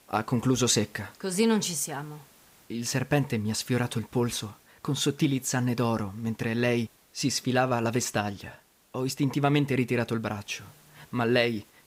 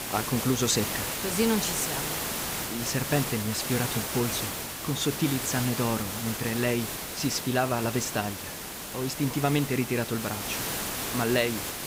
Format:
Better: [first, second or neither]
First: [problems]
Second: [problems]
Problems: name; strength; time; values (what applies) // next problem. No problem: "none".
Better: first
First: hiss; faint; throughout; 30 dB below the speech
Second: hiss; loud; throughout; 3 dB below the speech